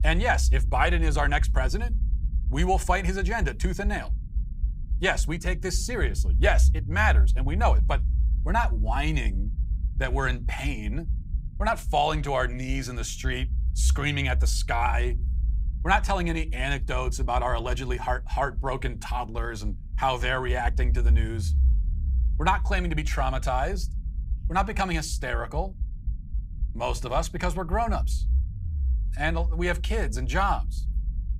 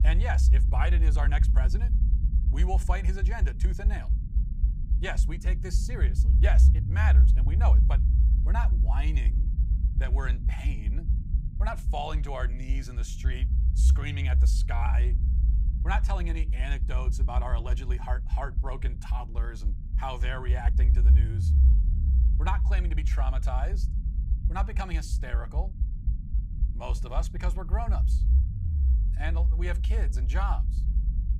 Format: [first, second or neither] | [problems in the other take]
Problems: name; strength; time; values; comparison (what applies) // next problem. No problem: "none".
first | low rumble; loud; throughout; 9 dB below the speech; faint in the first